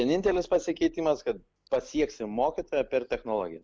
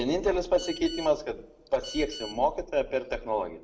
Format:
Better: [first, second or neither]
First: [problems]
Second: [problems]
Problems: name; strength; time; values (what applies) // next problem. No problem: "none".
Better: first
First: none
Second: background sound (Telephone); 15 dB below the speech // room echo; dies away in 0.6 s